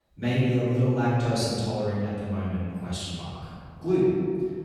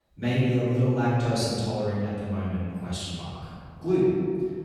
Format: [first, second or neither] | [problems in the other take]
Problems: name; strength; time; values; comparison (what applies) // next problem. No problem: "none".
neither | off-mic speech; far; the same in both // room echo; strong; dies away in 2 s; the same in both